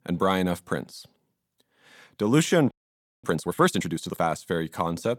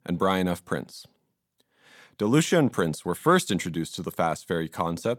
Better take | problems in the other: second | audio freezing; at 2.5 s for 0.5 s

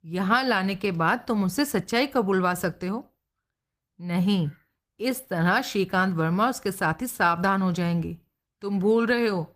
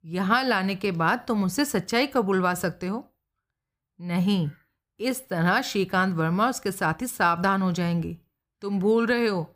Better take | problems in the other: second | garbled, watery; slightly; nothing above 15 kHz

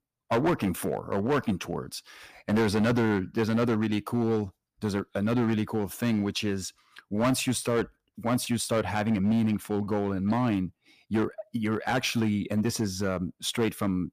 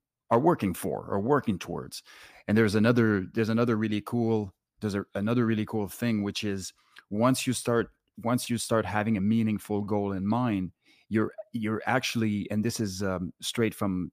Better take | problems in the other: second | distortion; slight; 7% of the sound clipped

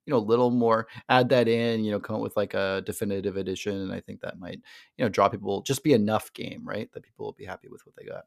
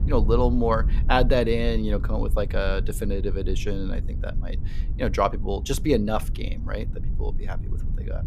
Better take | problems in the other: first | low rumble; noticeable; throughout; 20 dB below the speech

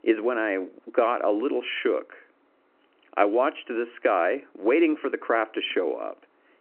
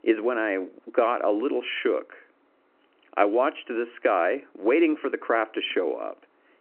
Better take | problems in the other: neither | phone-call audio; nothing above 3 kHz; the same in both

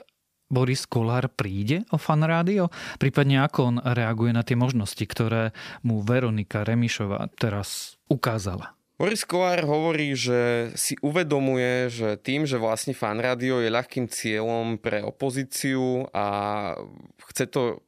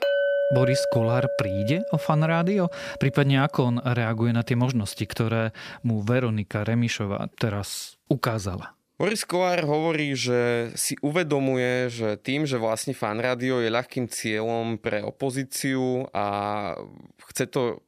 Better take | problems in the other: first | clattering dishes; loud; until 3.5 s; peak 3 dB above the speech

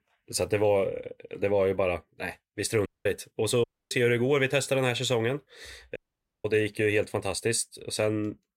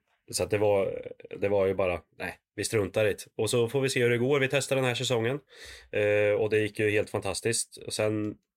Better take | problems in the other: second | audio cutting out; at 3 s, at 3.5 s and at 6 s

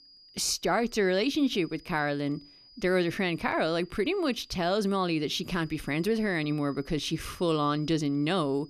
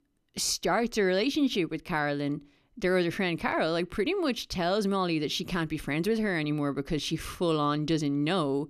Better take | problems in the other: second | high-pitched whine; faint; throughout; 5 kHz, 25 dB below the speech

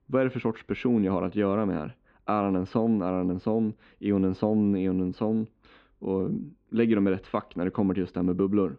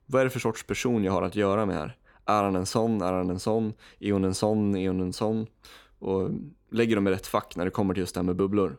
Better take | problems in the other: second | muffled; very; fading above 3.5 kHz

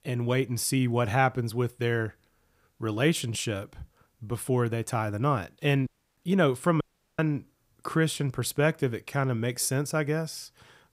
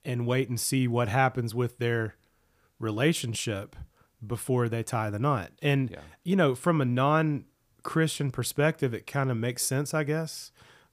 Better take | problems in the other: second | audio cutting out; at 6 s and at 7 s

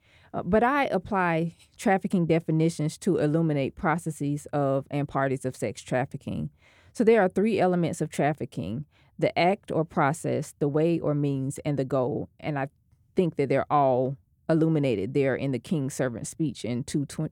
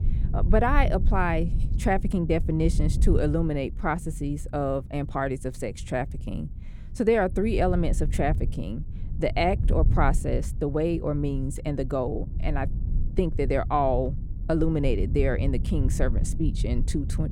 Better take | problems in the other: first | low rumble; noticeable; throughout; 15 dB below the speech

